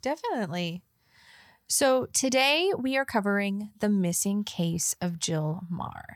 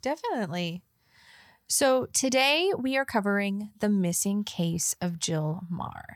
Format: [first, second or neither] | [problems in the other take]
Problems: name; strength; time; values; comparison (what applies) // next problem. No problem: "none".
neither | none